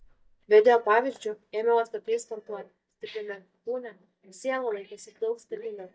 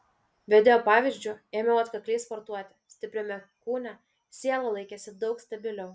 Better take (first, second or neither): second